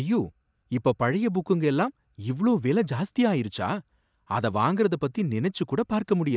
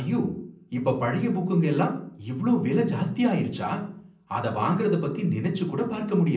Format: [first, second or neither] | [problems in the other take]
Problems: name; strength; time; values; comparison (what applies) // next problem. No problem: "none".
first | room echo; dies away in 0.6 s